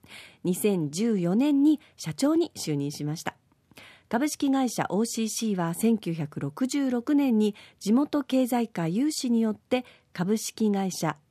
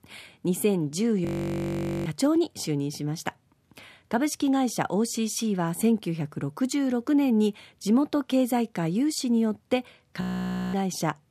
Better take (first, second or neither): first